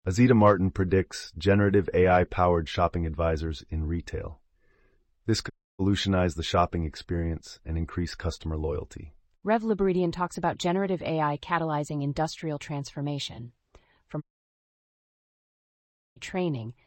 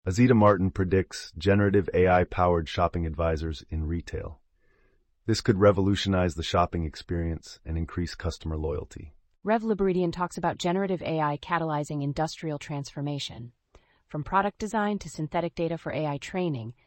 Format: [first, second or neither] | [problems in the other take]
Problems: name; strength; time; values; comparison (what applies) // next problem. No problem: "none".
second | audio cutting out; at 5.5 s and at 14 s for 2 s